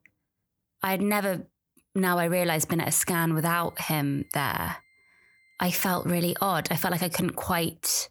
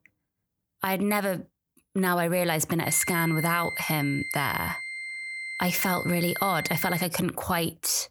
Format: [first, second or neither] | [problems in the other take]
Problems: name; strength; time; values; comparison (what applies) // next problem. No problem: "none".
first | high-pitched whine; loud; from 3 to 7 s; 2 kHz, 6 dB below the speech; faint in the first